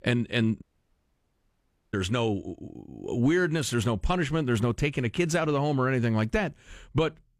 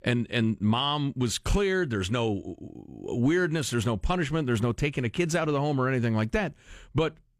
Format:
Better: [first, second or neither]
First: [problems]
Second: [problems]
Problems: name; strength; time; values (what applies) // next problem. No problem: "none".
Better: second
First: audio cutting out; at 0.5 s for 1.5 s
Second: none